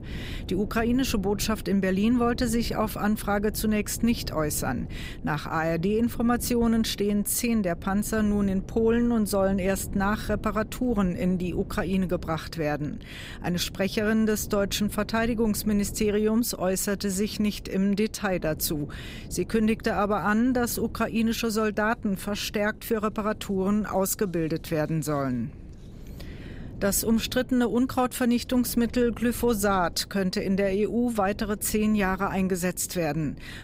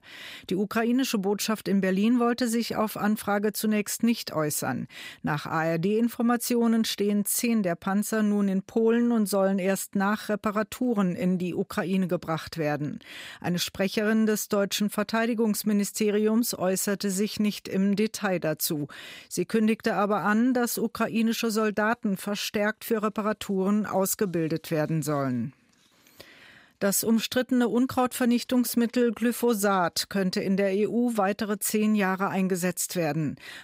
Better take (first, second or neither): second